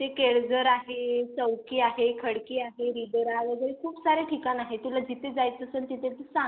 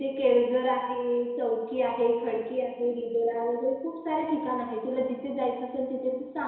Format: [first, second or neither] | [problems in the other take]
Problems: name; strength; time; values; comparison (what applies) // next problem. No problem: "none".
first | room echo; dies away in 1 s